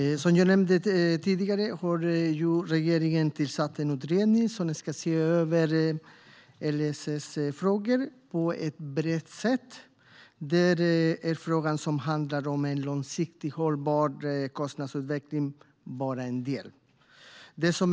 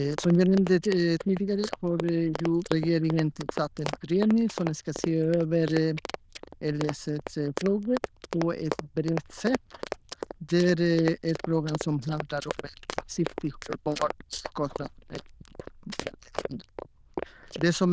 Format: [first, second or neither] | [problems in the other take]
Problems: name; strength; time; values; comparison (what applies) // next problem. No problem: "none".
first | noise reduction (neural diffusion model UNIVERSE++)